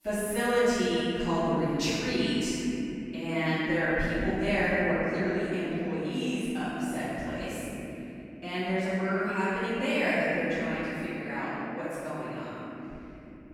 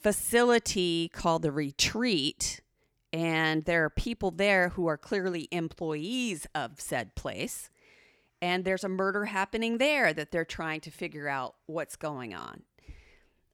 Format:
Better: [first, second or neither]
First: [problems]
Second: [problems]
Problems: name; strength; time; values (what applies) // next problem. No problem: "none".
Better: second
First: off-mic speech; far // room echo; strong; dies away in 3 s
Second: none